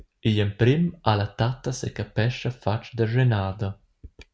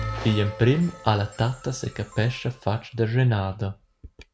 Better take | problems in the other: first | background sound (Bell); 15 dB below the speech

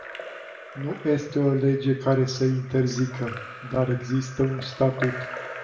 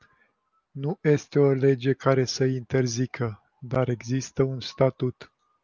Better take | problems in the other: second | background sound (Drip / Trickle, dribble / Splash, splatter); 14 dB below the speech // room echo; dies away in 0.6 s

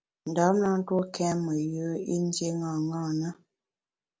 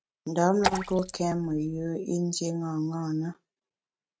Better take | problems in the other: first | noise reduction (neural mask model RNNoise)

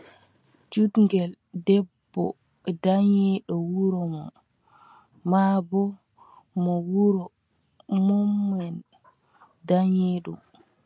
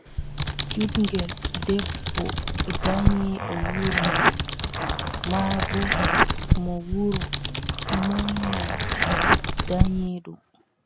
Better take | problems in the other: first | background sound (Computer keyboard + Zipper (clothing)); 4 dB above the speech

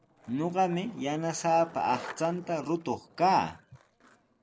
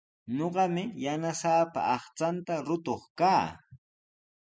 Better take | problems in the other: second | background sound (Skateboard); 19 dB below the speech

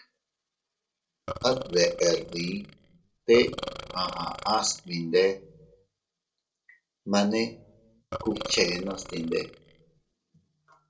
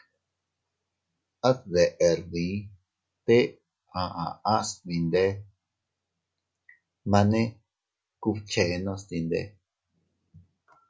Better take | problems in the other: second | noise reduction (neural separator model SepFormer DNS4)

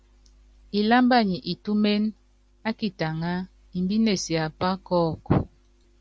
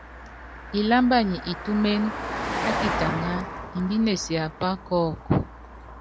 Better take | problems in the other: first | background sound (Car passing by); 7 dB below the speech

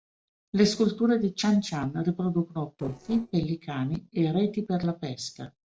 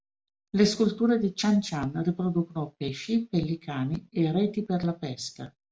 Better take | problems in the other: second | noise reduction (neural separator model SepFormer DNS4)

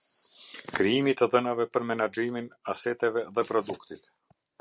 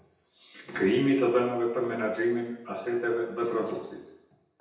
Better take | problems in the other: first | room echo; dies away in 0.8 s

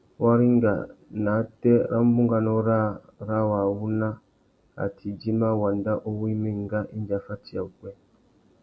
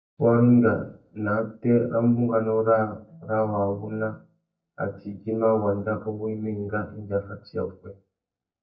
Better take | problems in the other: first | noise reduction (neural mask model DeepFilterNet 3)

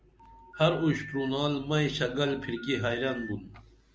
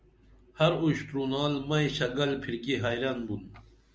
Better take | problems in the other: second | background sound (Telephone); 17 dB below the speech

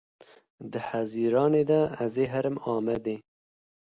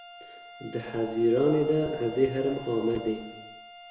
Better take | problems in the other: first | background sound (Bowed string instrument); 17 dB below the speech // room echo; dies away in 1.2 s

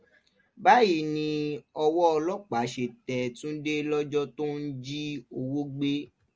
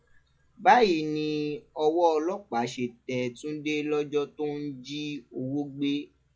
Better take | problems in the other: first | noise reduction (classical method log-MMSE)

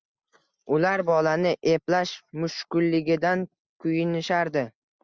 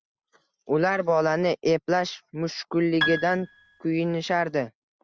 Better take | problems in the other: first | background sound (Piano); 8 dB below the speech

